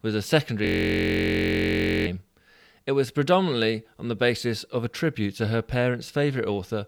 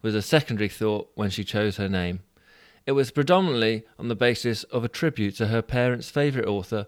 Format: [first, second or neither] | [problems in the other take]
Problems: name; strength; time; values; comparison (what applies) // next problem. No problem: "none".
second | audio freezing; at 0.5 s for 1.5 s